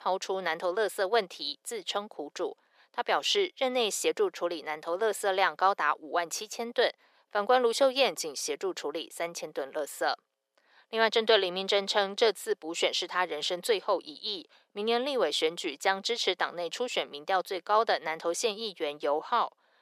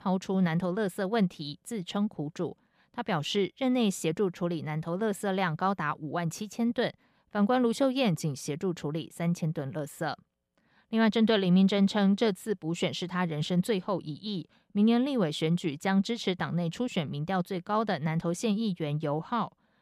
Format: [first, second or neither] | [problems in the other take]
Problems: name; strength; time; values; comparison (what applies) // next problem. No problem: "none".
second | thin; very; fading below 400 Hz